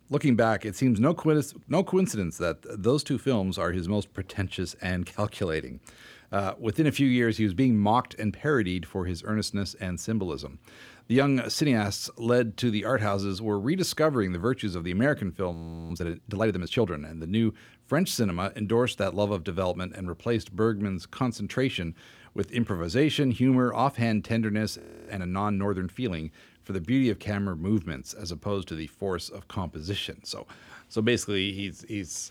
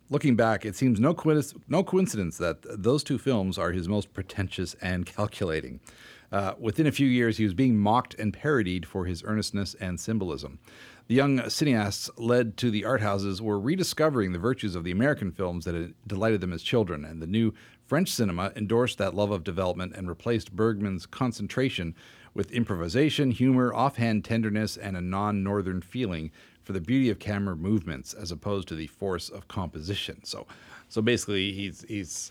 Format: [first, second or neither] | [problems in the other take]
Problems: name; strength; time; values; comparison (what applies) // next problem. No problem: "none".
second | audio freezing; at 16 s and at 25 s